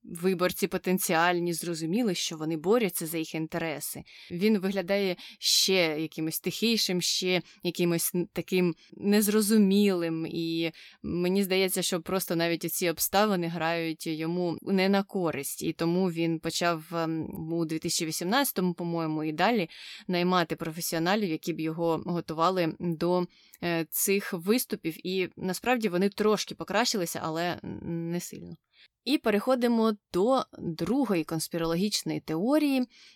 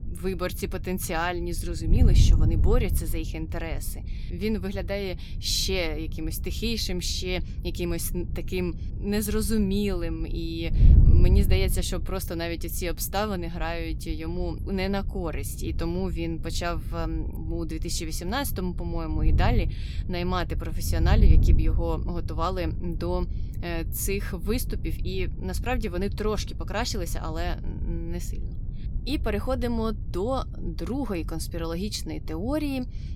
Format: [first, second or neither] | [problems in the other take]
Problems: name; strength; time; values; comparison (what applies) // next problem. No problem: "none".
first | wind noise on the microphone; occasional gusts; 15 dB below the speech